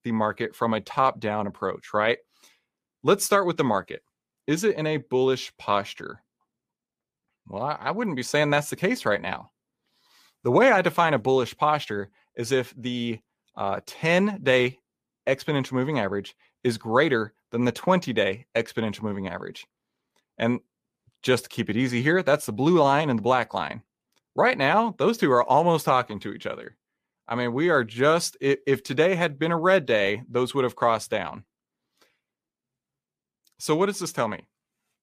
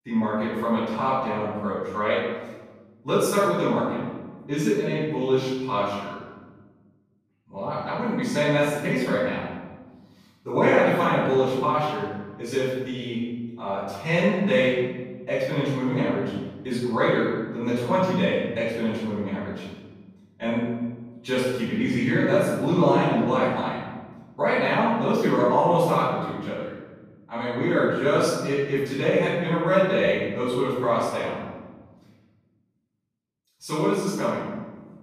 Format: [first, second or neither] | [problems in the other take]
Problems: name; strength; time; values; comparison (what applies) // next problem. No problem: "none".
first | off-mic speech; far // room echo; strong; dies away in 1.4 s